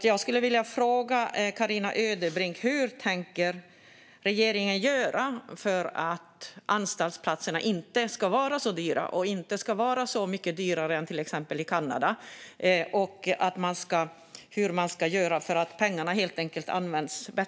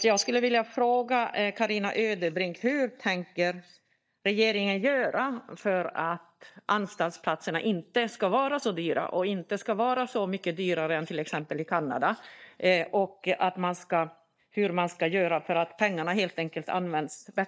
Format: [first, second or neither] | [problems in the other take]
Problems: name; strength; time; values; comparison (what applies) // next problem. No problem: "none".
first | noise reduction (neural mask model DeepFilterNet 3)